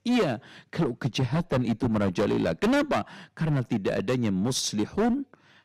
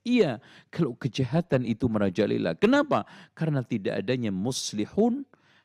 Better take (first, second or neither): second